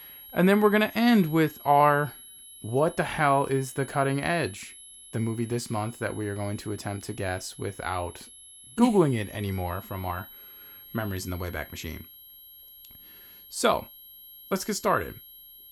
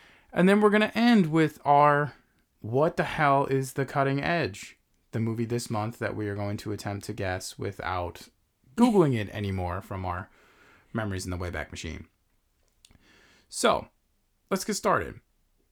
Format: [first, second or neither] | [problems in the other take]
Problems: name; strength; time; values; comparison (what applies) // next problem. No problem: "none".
second | high-pitched whine; noticeable; throughout; 11.5 kHz, 20 dB below the speech